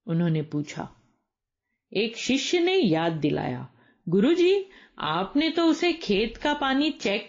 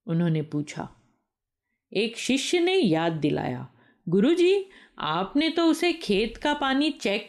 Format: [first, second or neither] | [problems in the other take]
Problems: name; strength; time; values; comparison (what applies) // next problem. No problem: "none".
second | garbled, watery; slightly; nothing above 6 kHz